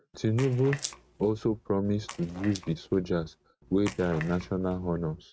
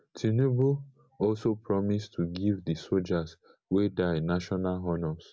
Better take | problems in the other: second | noise reduction (neural mask model RNNoise)

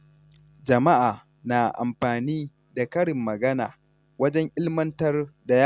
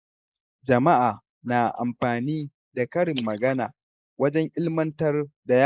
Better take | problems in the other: first | noise reduction (neural mask model Resemble Enhance denoiser)

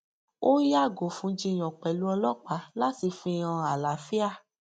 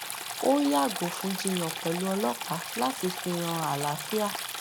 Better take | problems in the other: first | background sound (Stream); 6 dB below the speech

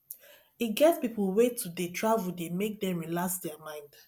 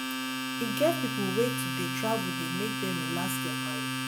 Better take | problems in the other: first | background sound (Domestic sounds, home sounds); 1 dB above the speech

